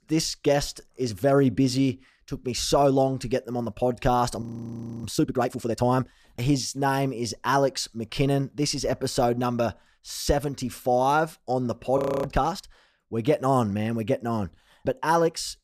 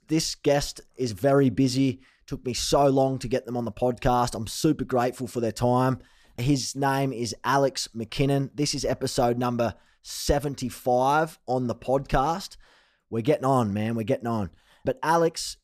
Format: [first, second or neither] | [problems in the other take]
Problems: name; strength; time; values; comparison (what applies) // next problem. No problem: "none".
second | audio freezing; at 4.5 s for 0.5 s and at 12 s